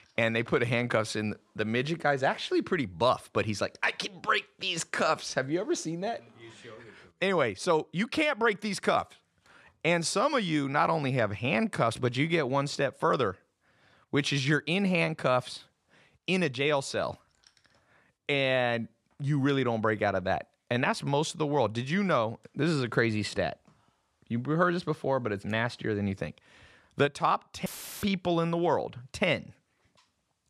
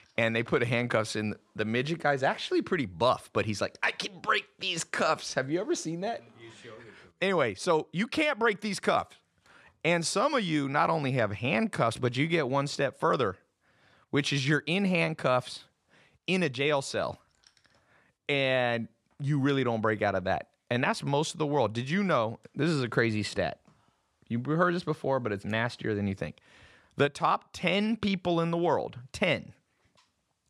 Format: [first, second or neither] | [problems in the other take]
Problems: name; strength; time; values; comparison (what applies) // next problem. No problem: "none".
second | audio cutting out; filled with static; at 28 s